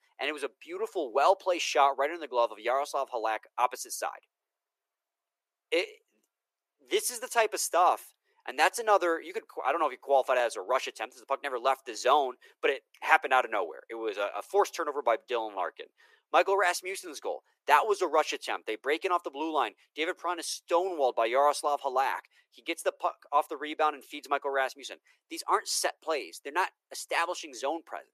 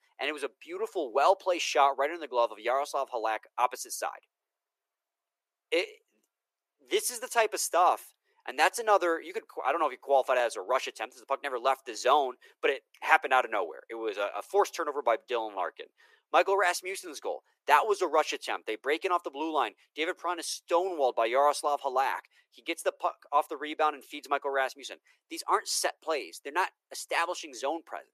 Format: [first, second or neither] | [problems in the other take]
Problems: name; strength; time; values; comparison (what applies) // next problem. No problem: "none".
neither | thin; very; fading below 400 Hz; the same in both